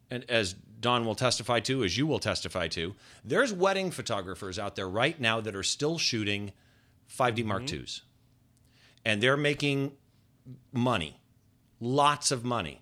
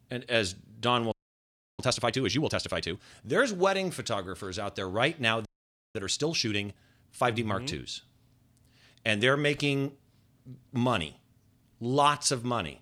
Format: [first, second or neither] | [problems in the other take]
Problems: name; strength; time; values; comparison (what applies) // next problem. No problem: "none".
first | audio freezing; at 1 s for 0.5 s and at 5.5 s for 0.5 s